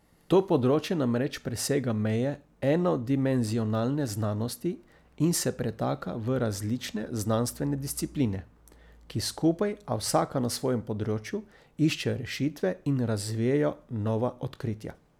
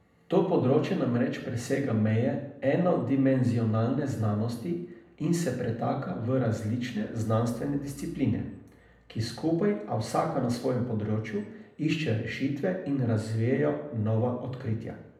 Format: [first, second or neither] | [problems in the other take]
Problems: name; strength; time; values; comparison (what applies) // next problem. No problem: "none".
first | room echo; dies away in 0.7 s